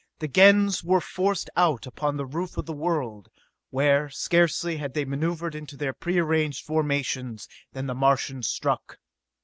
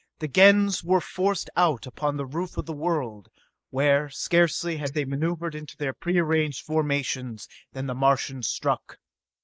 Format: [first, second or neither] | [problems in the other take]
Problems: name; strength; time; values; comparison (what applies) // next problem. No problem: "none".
first | noise reduction (neural mask model Resemble Enhance denoiser)